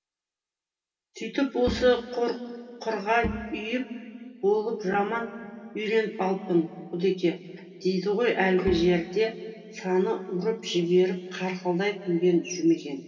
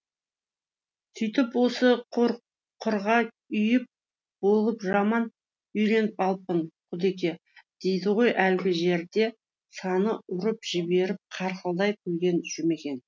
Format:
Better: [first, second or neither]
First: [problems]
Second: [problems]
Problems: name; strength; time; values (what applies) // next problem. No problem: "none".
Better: second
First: background sound (Bowed string instrument); 11 dB below the speech // room echo; dies away in 2.5 s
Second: none